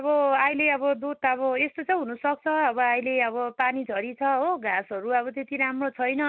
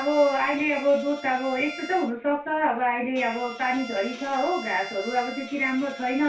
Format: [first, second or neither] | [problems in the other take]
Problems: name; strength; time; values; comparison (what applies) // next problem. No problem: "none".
first | background sound (Bowed string instrument); 15 dB below the speech // room echo; dies away in 0.3 s